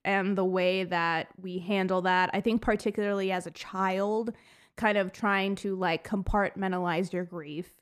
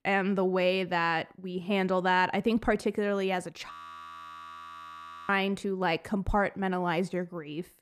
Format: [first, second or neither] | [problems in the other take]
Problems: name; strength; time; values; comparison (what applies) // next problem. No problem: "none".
first | audio freezing; at 3.5 s for 1.5 s